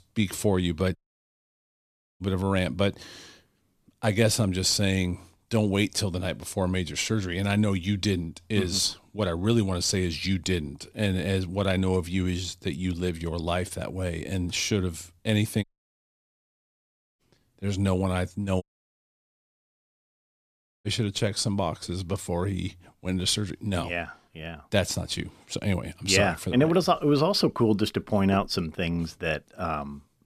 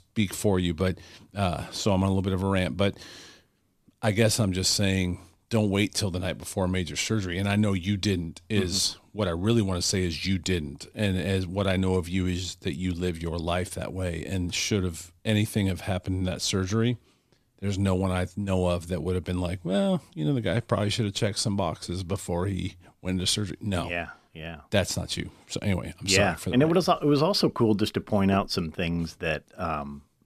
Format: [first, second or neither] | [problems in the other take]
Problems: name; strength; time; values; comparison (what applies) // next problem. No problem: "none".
second | audio cutting out; at 1 s for 1 s, at 16 s for 1.5 s and at 19 s for 2 s